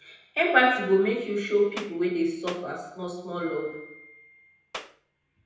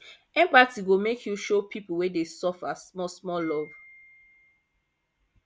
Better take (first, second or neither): second